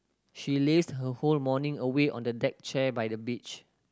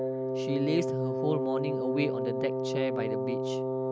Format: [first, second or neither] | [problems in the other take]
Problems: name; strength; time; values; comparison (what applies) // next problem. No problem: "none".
first | background sound (Wind instrument, woodwind instrument); 2 dB above the speech